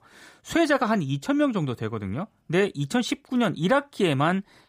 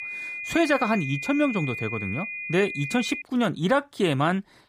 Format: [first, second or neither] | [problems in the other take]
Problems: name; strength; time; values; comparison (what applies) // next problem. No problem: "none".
first | high-pitched whine; loud; until 3 s; 2.5 kHz, 6 dB below the speech